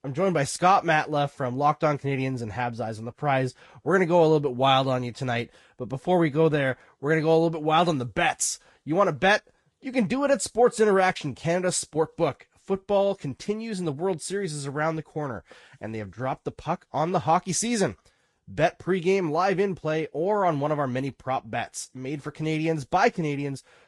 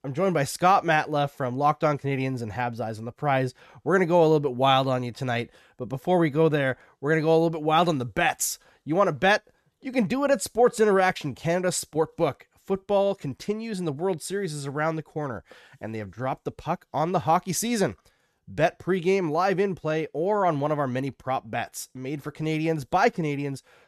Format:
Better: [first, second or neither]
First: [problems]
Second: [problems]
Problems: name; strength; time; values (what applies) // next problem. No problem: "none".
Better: second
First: garbled, watery; slightly; nothing above 10.5 kHz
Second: none